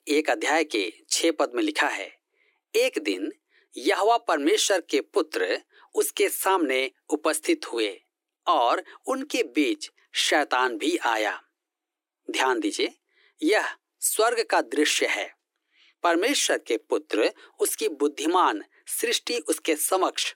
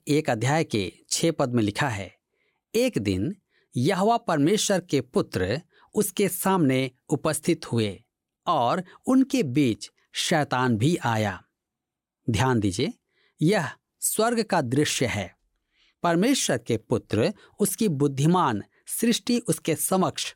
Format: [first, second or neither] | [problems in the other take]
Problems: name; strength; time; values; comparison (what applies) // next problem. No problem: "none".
second | thin; somewhat; fading below 300 Hz